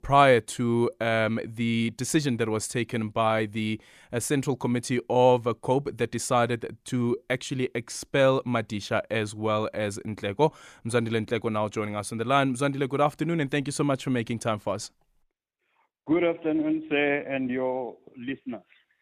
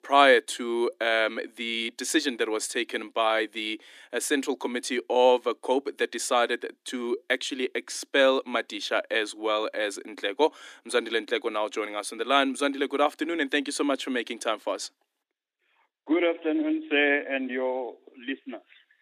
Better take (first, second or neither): first